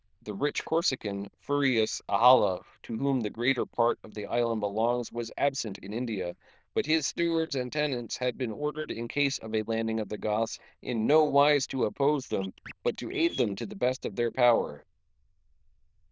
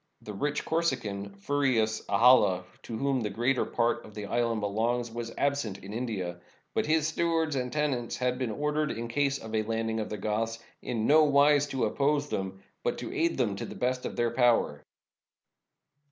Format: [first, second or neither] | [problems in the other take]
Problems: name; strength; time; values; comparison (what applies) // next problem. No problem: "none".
second | noise reduction (neural diffusion model UNIVERSE++)